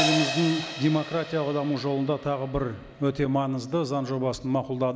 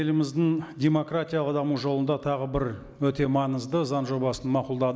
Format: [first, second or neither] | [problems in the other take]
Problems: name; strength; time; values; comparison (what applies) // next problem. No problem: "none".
second | background sound (Crash cymbal); 9 dB below the speech